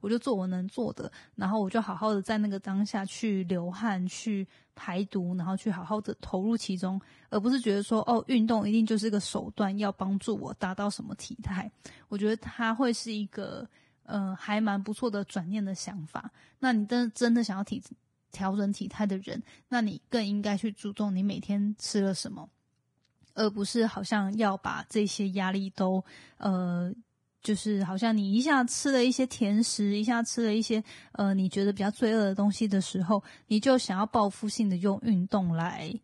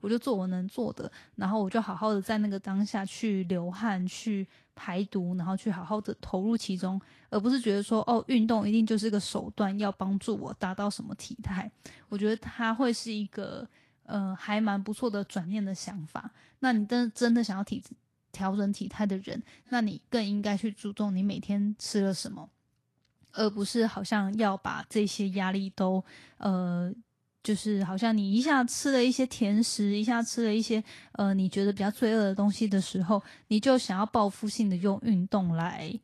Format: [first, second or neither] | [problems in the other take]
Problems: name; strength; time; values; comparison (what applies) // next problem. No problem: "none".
second | garbled, watery; badly; nothing above 10 kHz; slightly in the second